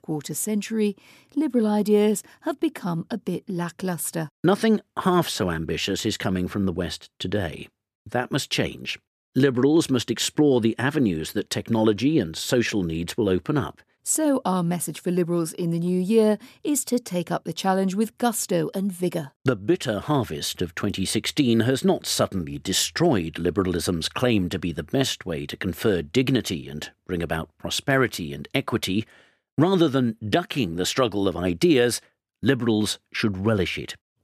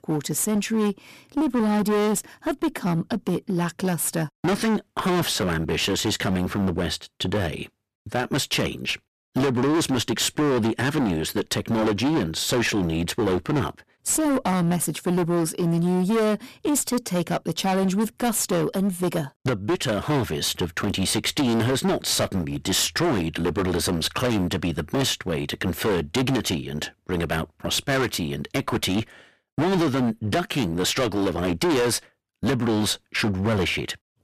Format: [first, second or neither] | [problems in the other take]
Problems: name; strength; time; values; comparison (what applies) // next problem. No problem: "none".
first | distortion; heavy; 21% of the sound clipped